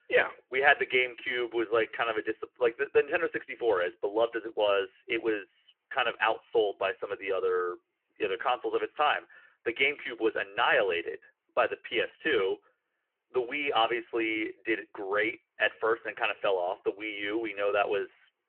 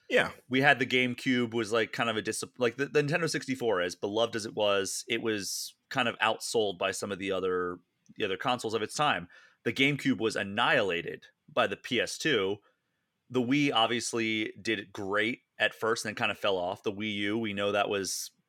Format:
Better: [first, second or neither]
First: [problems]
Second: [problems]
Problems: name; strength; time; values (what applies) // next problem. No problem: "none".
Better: second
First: phone-call audio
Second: none